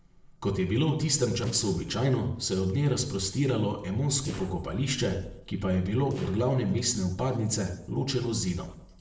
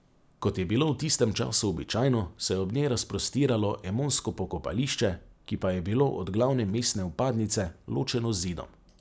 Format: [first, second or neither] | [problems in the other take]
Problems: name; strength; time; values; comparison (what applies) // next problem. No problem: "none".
second | noise reduction (neural separator model SepFormer DNS4)